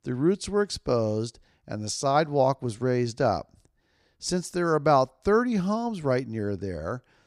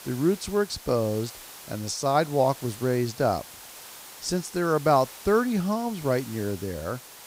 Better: first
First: none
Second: hiss; noticeable; throughout; 15 dB below the speech

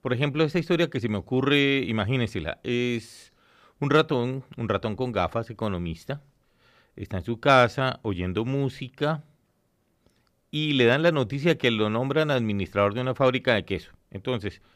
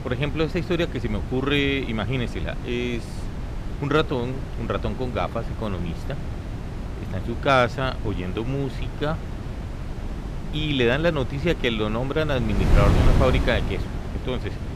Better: first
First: none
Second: wind noise on the microphone; occasional gusts; 10 dB below the speech

